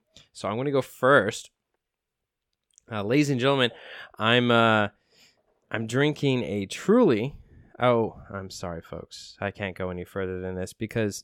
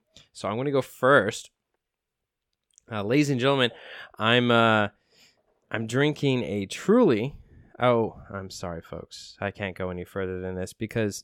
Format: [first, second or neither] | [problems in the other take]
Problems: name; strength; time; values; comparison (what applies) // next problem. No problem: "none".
neither | none